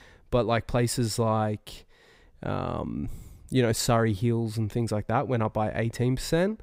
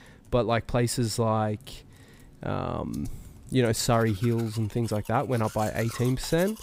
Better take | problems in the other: first | household noises; noticeable; throughout; 20 dB below the speech

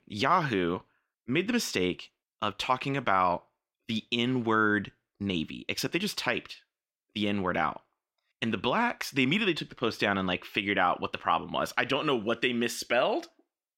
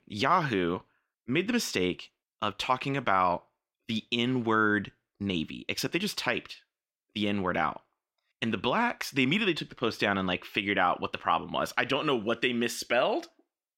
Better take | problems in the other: neither | none

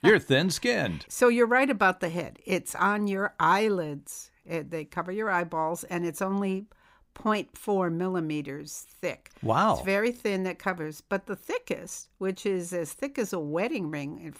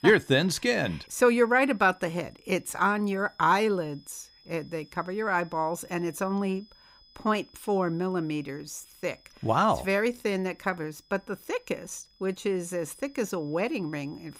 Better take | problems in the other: first | high-pitched whine; faint; throughout; 5 kHz, 30 dB below the speech

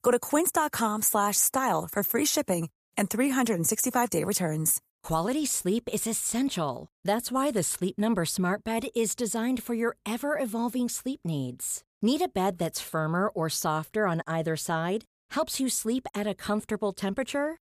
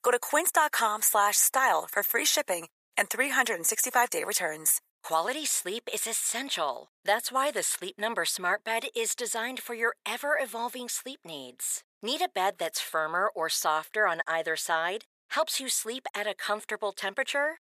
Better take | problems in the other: first | thin; very; fading below 650 Hz

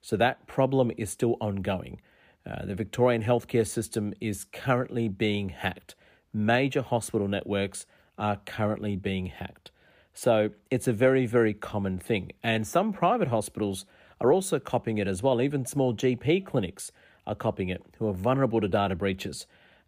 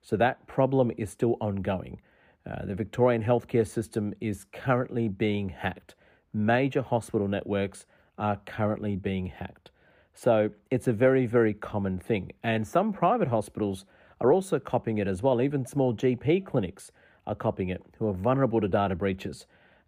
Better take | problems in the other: first | muffled; slightly; fading above 2.5 kHz

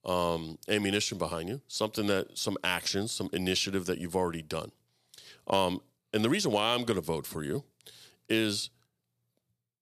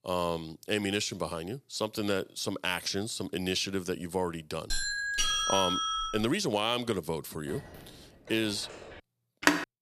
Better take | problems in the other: first | doorbell; loud; from 4.5 to 6.5 s; peak 5 dB above the speech // phone ringing; faint; from 7.5 to 9 s; peak 15 dB below the speech // phone ringing; loud; at 9.5 s; peak 5 dB above the speech

